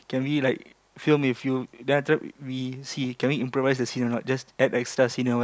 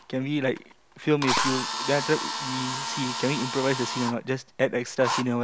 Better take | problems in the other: first | background sound (Drill); 4 dB below the speech

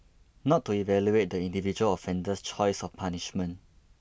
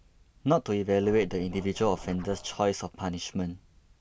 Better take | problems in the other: first | background sound (Scratching (performance technique)); 15 dB below the speech

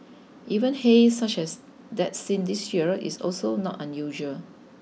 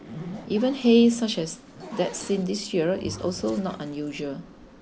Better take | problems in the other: first | background sound (Zipper (clothing) + Bowed string instrument); 16 dB below the speech

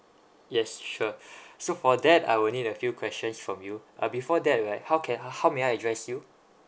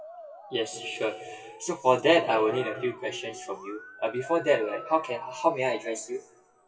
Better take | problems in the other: first | noise reduction (classical method WPE with log-MMSE)

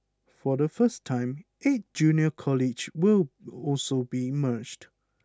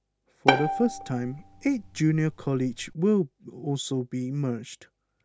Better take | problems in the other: first | background sound (Bowed string instrument); 3 dB below the speech

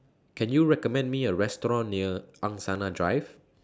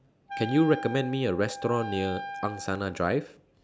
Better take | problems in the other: first | background sound (Wind instrument, woodwind instrument); 10 dB below the speech

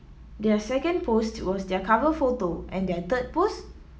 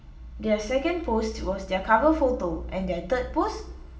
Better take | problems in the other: first | room echo; dies away in 0.6 s

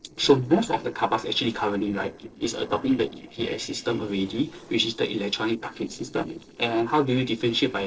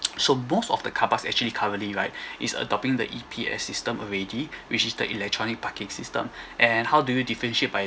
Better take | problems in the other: second | noise reduction (neural separator model SepFormer DNS4)

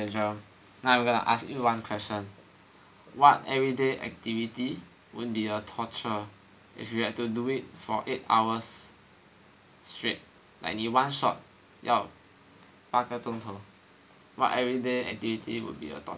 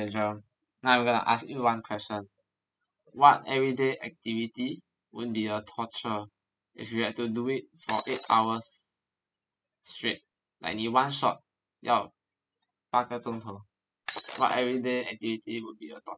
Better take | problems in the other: first | noise reduction (classical method spectral subtraction)

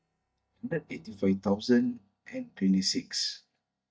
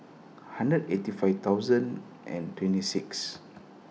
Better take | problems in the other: second | noise reduction (neural mask model DeepFilterNet 3)

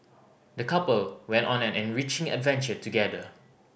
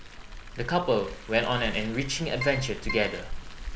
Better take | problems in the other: first | background sound (Keyboard (musical) + Car); 7 dB below the speech

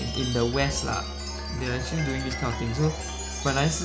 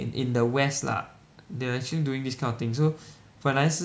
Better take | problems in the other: second | background sound (Chime + Musical instrument); 4 dB below the speech

